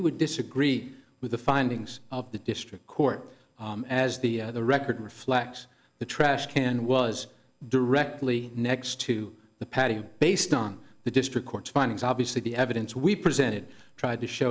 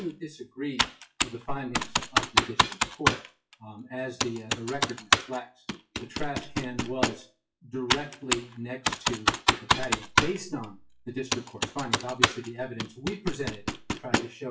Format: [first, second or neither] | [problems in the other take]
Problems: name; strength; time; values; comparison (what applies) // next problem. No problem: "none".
first | noise reduction (classical method WPE with log-MMSE)